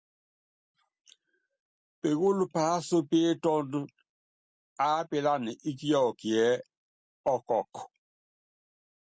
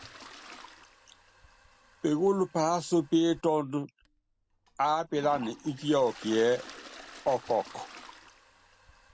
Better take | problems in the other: first | background sound (Toilet flush); 20 dB below the speech

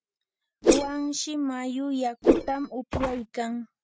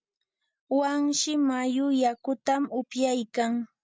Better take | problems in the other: second | noise reduction (neural mask model RNNoise)

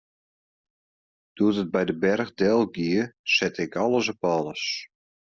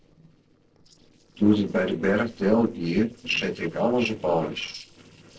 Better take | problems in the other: first | noise reduction (neural separator model SepFormer DNS4)

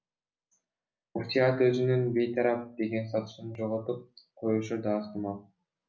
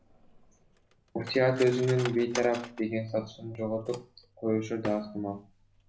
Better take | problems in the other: first | background sound (Cutlery, silverware); 16 dB below the speech

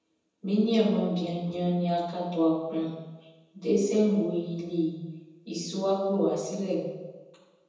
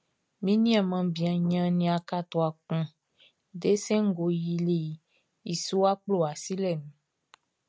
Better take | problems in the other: second | room echo; dies away in 1.1 s

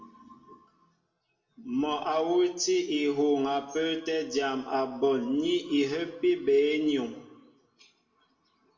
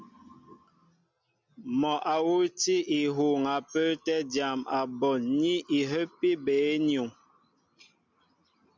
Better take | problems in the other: second | room echo; dies away in 0.7 s

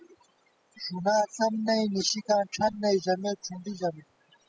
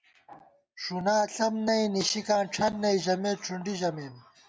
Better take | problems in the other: second | noise reduction (classical method spectral subtraction)

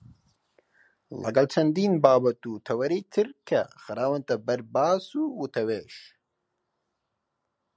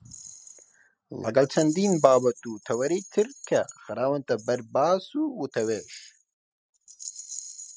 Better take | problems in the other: first | noise reduction (classical method spectral subtraction)

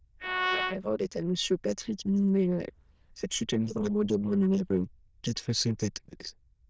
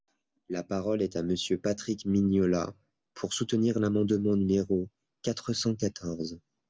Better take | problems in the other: second | noise reduction (neural diffusion model UNIVERSE++)

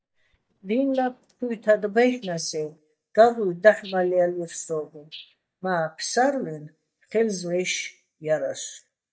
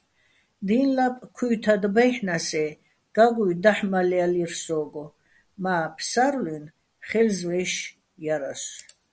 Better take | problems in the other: second | noise reduction (neural mask model DeepFilterNet 3)

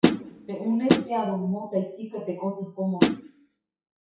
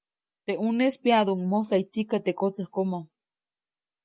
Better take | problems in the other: second | noise reduction (classical method WPE with log-MMSE)

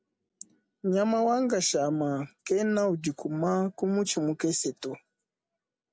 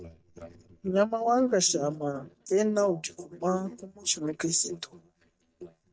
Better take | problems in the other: first | noise reduction (neural mask model DeepFilterNet 3)

